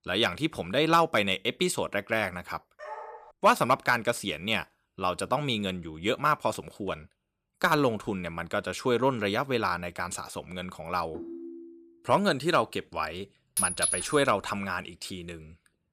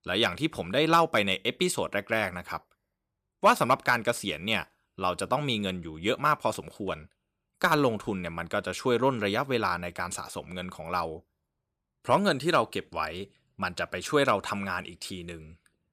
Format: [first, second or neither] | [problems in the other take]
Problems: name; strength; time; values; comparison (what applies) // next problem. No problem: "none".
second | dog barking; faint; at 3 s; peak 15 dB below the speech // phone ringing; faint; at 11 s; peak 15 dB below the speech // clattering dishes; loud; at 14 s; peak 2 dB above the speech